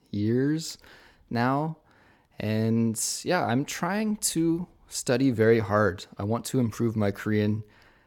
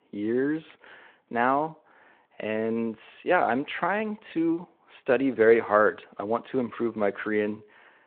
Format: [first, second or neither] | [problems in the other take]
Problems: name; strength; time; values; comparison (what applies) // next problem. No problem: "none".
first | phone-call audio